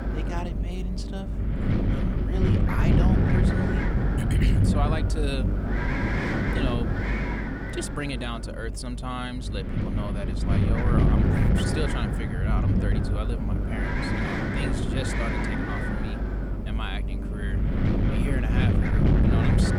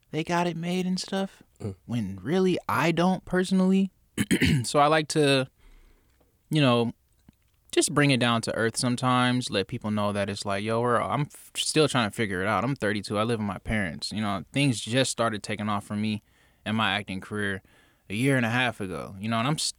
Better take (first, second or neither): second